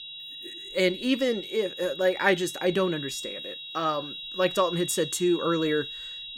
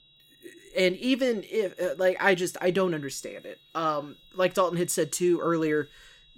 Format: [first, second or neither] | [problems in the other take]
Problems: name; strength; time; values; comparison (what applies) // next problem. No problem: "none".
second | high-pitched whine; loud; throughout; 4 kHz, 9 dB below the speech; faint in the second